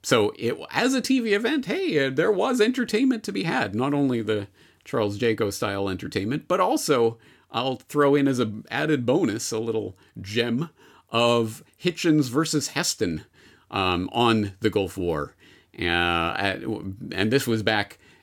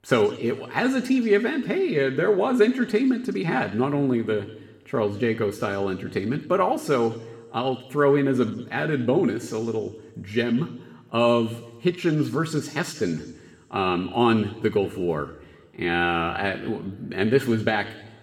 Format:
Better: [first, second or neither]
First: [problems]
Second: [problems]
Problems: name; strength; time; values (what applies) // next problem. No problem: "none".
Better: first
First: none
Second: room echo; slight; dies away in 1.1 s